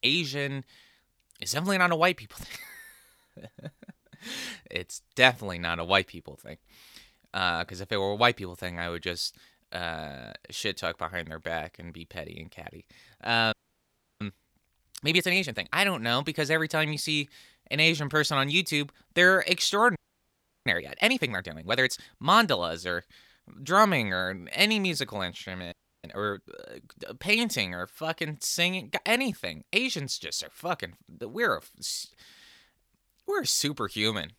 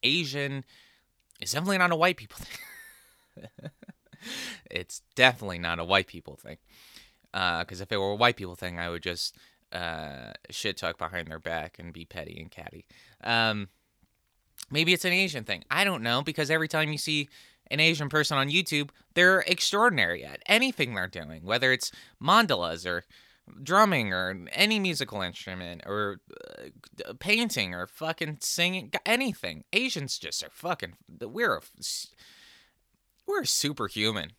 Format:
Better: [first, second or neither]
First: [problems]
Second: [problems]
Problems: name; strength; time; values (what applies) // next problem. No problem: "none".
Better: second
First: audio freezing; at 14 s for 0.5 s, at 20 s for 0.5 s and at 26 s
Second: none